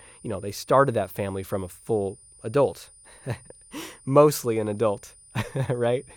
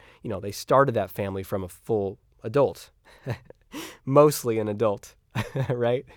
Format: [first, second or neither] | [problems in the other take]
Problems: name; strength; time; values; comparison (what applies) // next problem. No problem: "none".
second | high-pitched whine; faint; throughout; 9.5 kHz, 25 dB below the speech